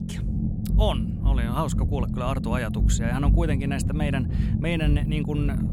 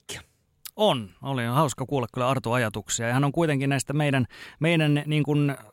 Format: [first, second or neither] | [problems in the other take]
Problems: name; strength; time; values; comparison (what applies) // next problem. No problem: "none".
second | low rumble; loud; throughout; 6 dB below the speech